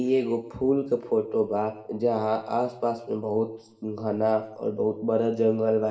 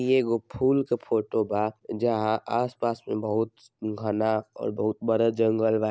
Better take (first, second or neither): second